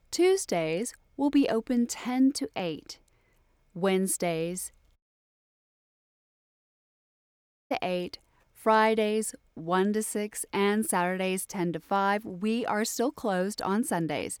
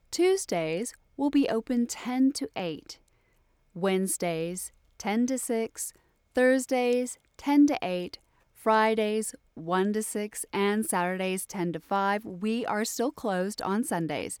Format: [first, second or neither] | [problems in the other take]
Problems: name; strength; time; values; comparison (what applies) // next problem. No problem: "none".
second | audio cutting out; at 5 s for 2.5 s